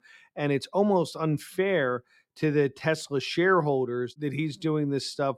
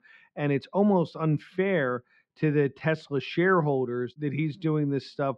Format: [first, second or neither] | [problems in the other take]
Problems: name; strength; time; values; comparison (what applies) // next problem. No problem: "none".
first | muffled; slightly; fading above 2.5 kHz